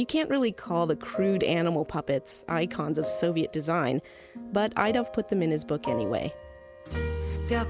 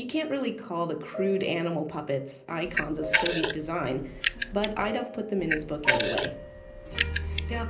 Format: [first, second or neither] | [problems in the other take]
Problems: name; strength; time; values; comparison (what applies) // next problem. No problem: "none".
first | background sound (Camera); 1 dB below the speech // room echo; dies away in 0.5 s